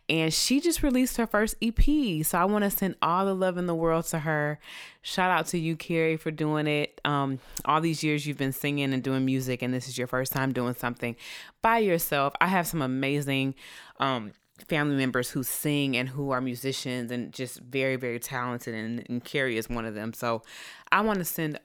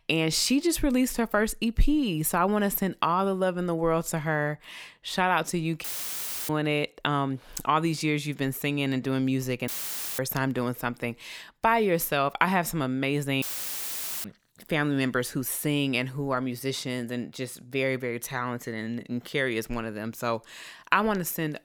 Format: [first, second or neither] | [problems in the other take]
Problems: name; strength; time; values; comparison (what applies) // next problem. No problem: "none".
first | audio cutting out; filled with static; at 6 s for 0.5 s, at 9.5 s for 0.5 s and at 13 s for 1 s